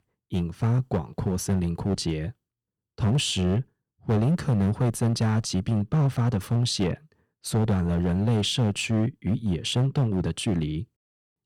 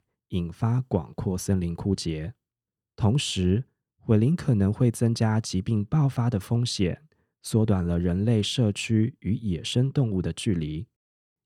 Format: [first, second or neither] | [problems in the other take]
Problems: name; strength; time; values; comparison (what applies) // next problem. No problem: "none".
second | distortion; slight; 10% of the sound clipped